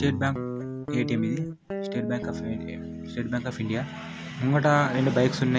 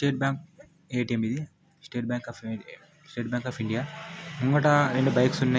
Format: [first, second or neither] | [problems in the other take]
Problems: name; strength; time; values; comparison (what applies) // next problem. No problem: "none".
second | background sound (Guitar); 8 dB below the speech